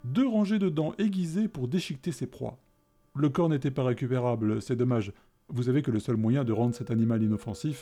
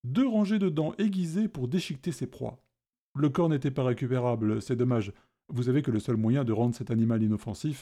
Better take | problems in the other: second | background music; faint; throughout; 25 dB below the speech

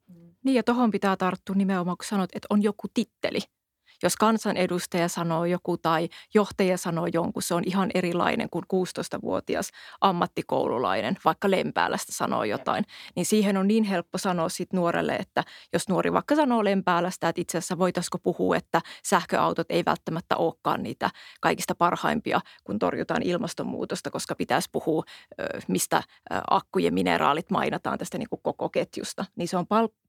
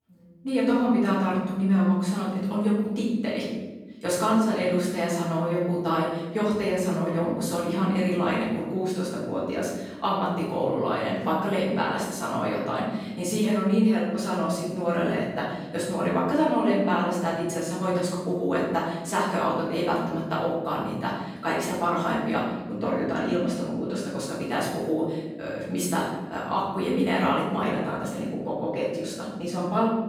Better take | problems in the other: first | off-mic speech; far // room echo; noticeable; dies away in 1.2 s

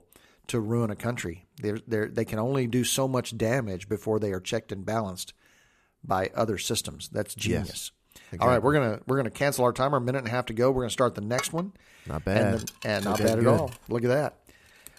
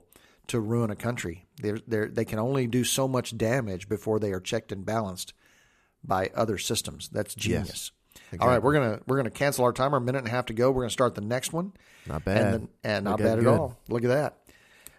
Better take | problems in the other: second | clattering dishes; noticeable; from 11 to 14 s; peak 8 dB below the speech

